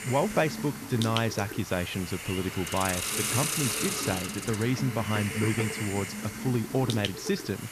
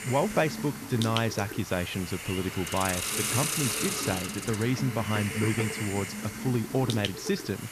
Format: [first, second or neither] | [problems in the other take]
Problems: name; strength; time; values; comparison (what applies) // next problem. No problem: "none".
neither | hiss; loud; throughout; 2 dB below the speech; the same in both